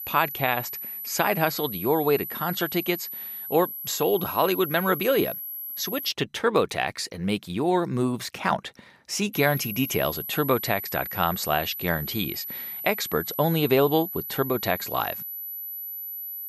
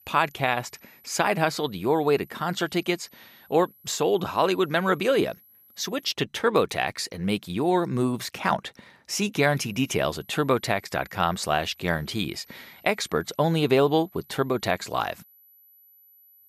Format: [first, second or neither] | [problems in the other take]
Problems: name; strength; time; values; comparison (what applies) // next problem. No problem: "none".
second | high-pitched whine; loud; until 6 s and from 9.5 s on; 12 kHz, 7 dB below the speech; faint in the second